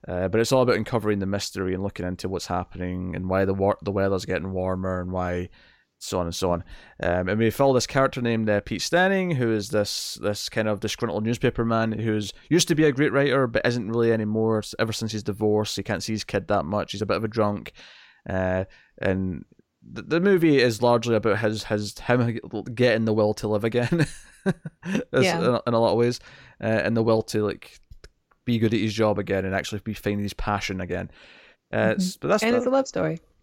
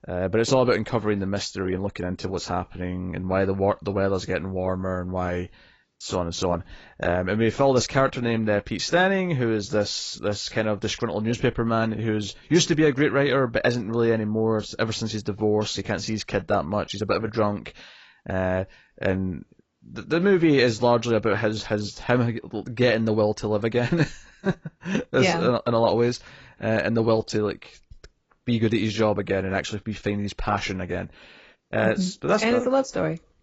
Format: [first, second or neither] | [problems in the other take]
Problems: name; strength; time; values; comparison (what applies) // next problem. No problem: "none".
first | garbled, watery; badly; nothing above 7.5 kHz